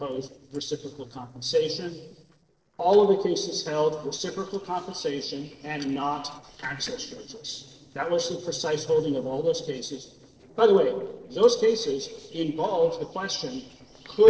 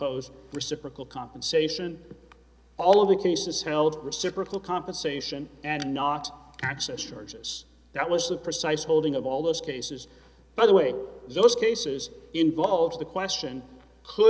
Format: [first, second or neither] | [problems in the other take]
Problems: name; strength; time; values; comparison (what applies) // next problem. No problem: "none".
second | noise reduction (neural separator model SepFormer DNS4)